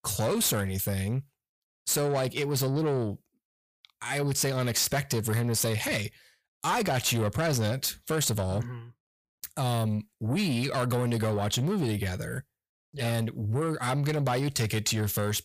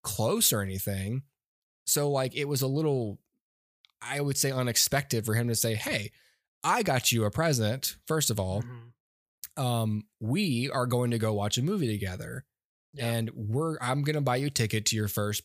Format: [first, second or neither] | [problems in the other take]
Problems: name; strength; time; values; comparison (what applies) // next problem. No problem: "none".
second | distortion; slight; 10 dB below the speech